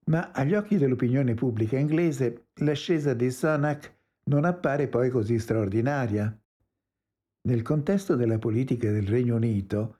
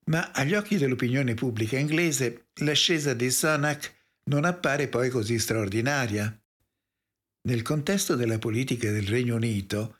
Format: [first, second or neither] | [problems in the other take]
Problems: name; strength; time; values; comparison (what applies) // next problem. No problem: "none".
second | muffled; very; fading above 1.5 kHz